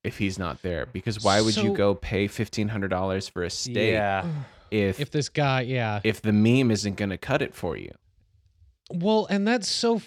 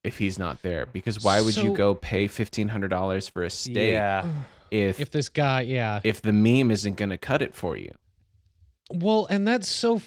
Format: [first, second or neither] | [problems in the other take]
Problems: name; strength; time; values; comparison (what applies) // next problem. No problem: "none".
first | garbled, watery; slightly; nothing above 18.5 kHz